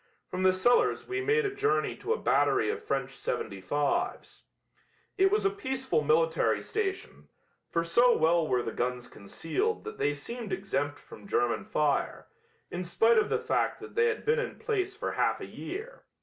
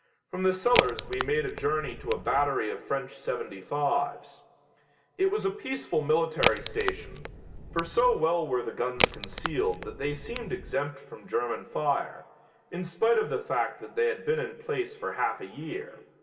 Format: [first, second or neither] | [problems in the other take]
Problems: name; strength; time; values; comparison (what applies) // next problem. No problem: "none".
first | background sound (Crack); 3 dB below the speech // room echo; dies away in 1.9 s